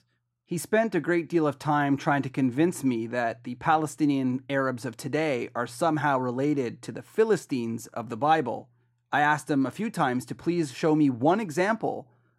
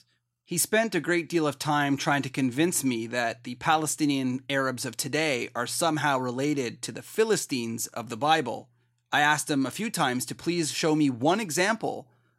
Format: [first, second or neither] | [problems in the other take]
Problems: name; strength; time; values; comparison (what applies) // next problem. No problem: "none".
second | muffled; slightly; fading above 2 kHz